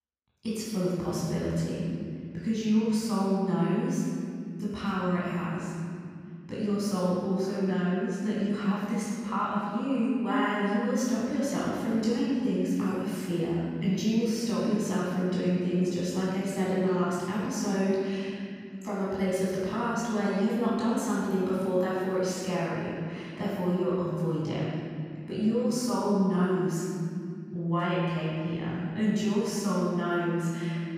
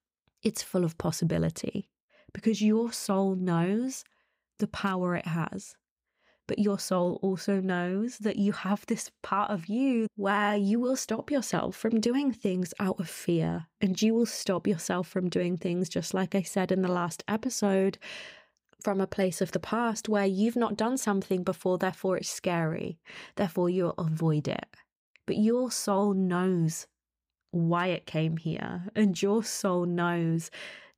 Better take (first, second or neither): second